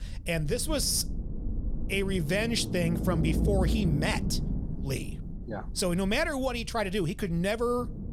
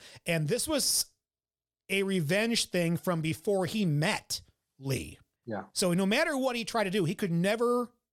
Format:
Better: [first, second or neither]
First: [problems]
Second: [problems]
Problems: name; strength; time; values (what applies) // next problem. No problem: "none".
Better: second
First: low rumble; noticeable; throughout; 10 dB below the speech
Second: none